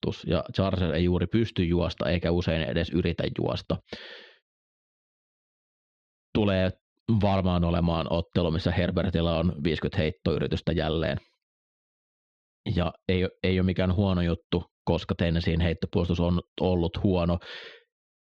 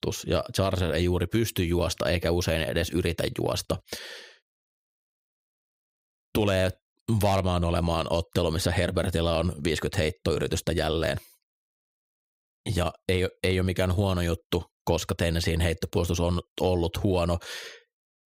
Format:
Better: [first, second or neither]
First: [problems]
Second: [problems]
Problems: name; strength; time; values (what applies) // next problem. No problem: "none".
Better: second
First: muffled; very slightly; fading above 4 kHz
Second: none